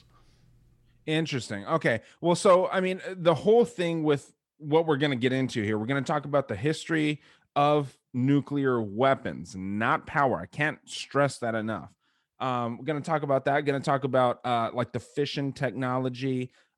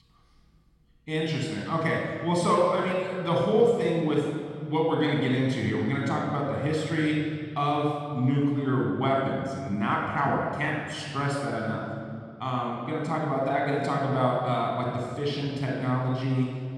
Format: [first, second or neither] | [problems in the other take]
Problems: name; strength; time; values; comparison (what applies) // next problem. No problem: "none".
first | off-mic speech; somewhat distant // room echo; noticeable; dies away in 2.2 s